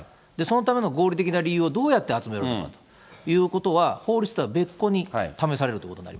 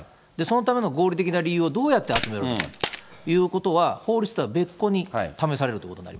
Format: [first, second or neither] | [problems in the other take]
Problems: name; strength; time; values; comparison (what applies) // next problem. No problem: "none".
first | background sound (Crack); 9 dB below the speech